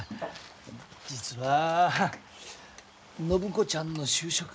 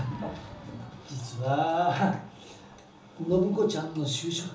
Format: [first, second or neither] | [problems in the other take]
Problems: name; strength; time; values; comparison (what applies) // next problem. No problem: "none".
first | background sound (Crowd / Fireworks); 19 dB below the speech // room echo; dies away in 1.2 s